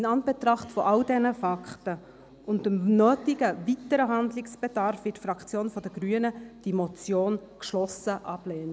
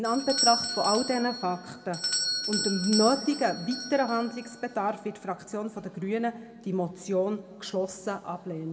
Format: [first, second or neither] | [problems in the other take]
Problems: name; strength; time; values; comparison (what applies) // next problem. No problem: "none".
first | background sound (Doorbell); 6 dB below the speech // room echo; dies away in 1 s